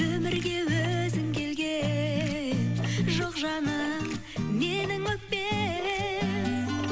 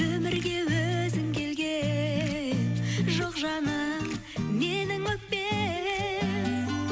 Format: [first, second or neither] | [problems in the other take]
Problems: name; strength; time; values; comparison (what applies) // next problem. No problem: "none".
second | background sound (Tick-tock); 18 dB below the speech